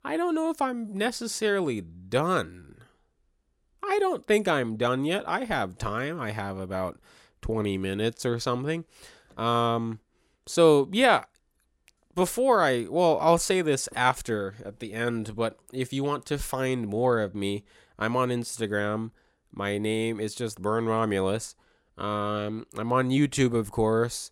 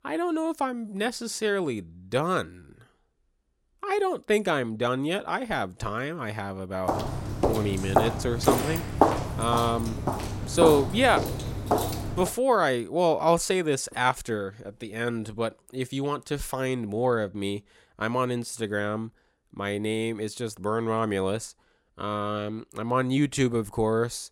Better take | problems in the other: first | footsteps; loud; from 7 to 12 s; peak 4 dB above the speech

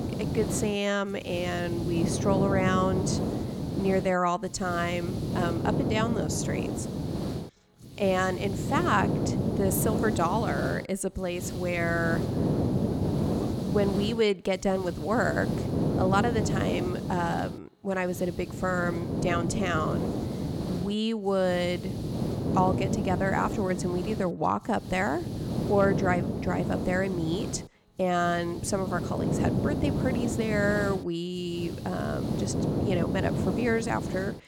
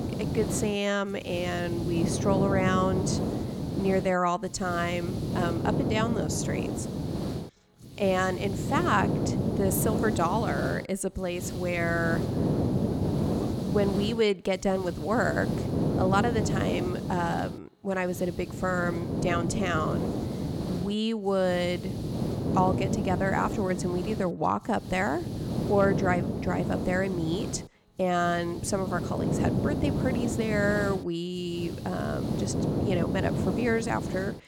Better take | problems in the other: neither | hiss; loud; throughout; 2 dB below the speech; the same in both

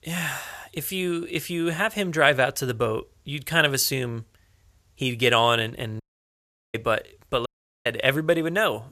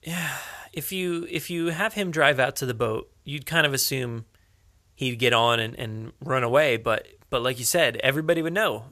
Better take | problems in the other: second | audio cutting out; at 6 s for 0.5 s and at 7.5 s

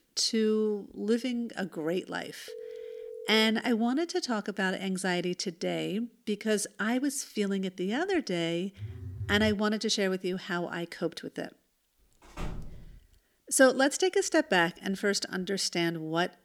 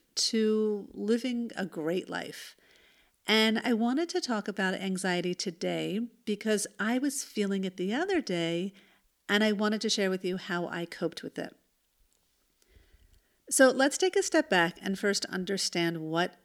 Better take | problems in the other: second | phone ringing; faint; from 2.5 to 3.5 s; peak 15 dB below the speech // phone ringing; noticeable; at 9 s; peak 10 dB below the speech // door banging; faint; at 12 s; peak 10 dB below the speech

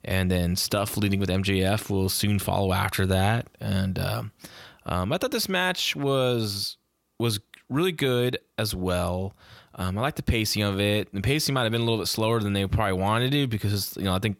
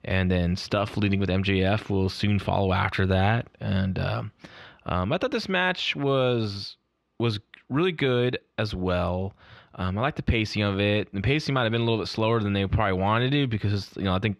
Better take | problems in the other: first | muffled; slightly; fading above 3 kHz

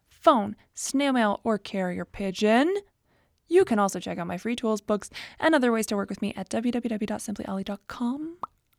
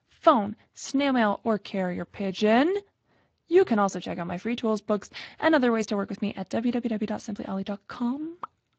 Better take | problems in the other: first | garbled, watery; slightly; nothing above 7.5 kHz

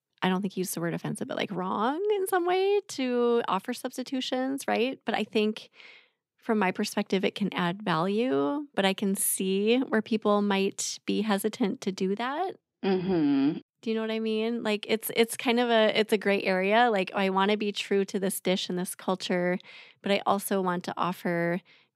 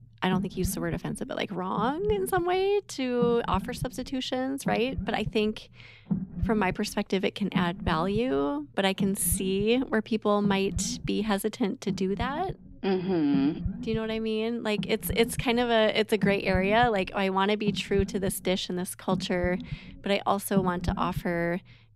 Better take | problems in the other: first | low rumble; noticeable; throughout; 15 dB below the speech

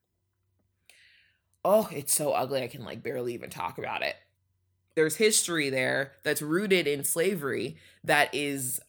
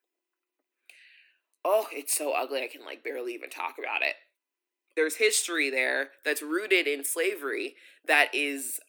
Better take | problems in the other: first | thin; very slightly; fading below 250 Hz

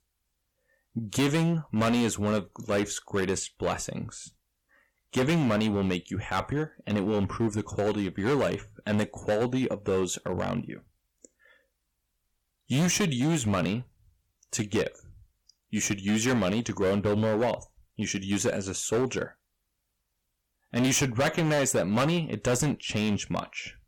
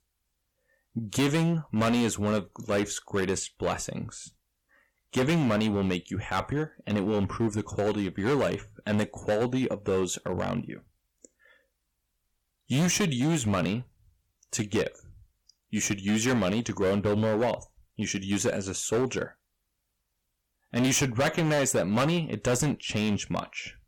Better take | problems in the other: neither | distortion; heavy; 10% of the sound clipped; the same in both

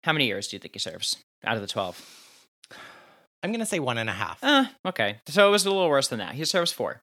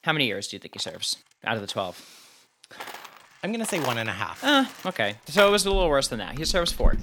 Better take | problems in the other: first | household noises; noticeable; throughout; 10 dB below the speech

